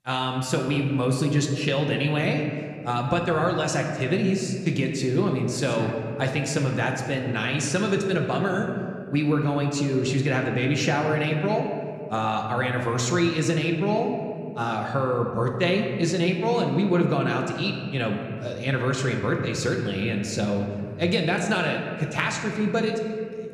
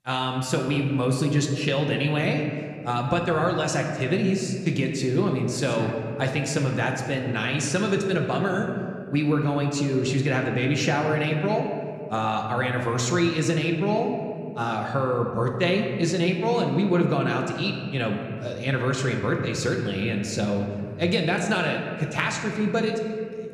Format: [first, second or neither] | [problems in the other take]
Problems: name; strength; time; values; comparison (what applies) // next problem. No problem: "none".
neither | room echo; slight; dies away in 1.9 s; the same in both